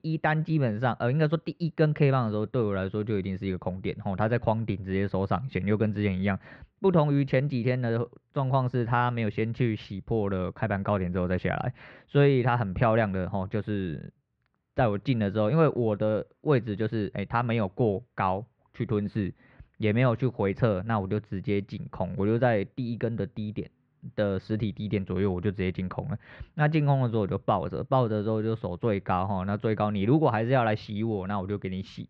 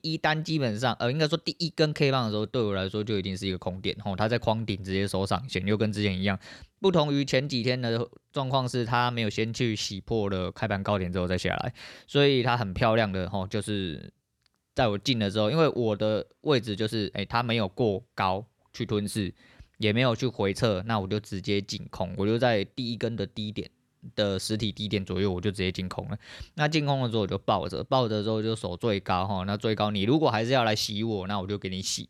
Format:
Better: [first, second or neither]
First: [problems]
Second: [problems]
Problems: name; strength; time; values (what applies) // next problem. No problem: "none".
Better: second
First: muffled; very; fading above 2 kHz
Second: none